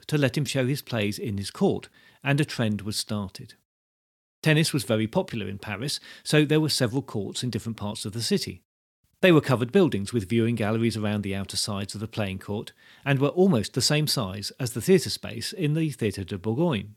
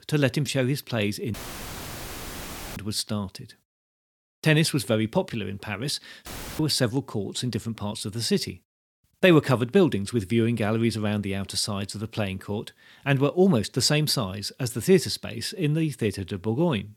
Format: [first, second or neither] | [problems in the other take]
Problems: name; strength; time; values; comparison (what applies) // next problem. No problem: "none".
first | audio cutting out; filled with static; at 1.5 s for 1.5 s and at 6.5 s